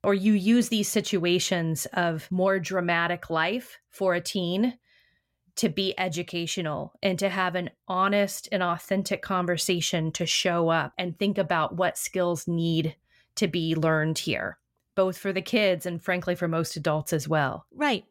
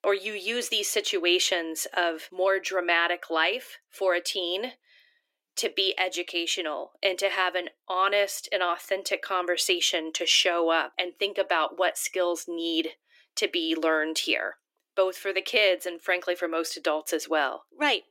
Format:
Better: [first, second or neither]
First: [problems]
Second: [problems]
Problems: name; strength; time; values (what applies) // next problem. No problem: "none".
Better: first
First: none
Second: thin; very; fading below 300 Hz